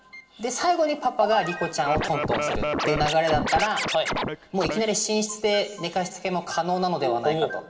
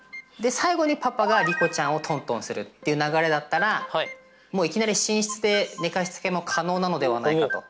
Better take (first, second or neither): second